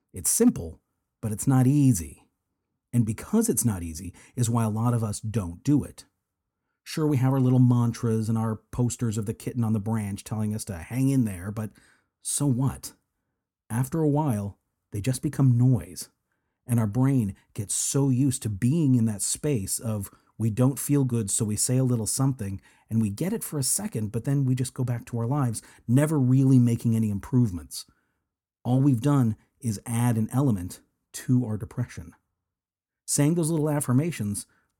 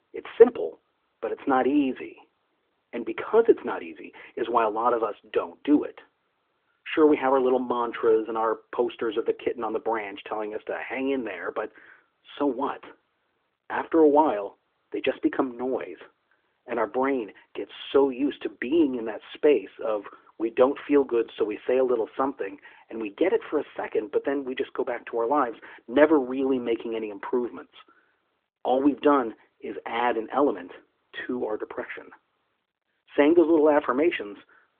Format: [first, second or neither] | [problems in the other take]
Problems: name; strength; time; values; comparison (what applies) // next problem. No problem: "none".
first | phone-call audio; nothing above 3.5 kHz